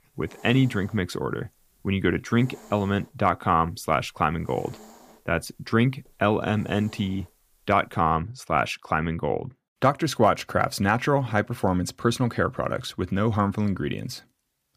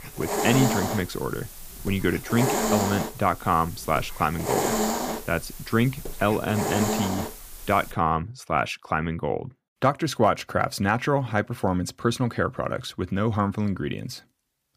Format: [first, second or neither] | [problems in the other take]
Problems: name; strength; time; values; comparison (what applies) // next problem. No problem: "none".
first | hiss; loud; until 8 s; 2 dB below the speech; faint in the first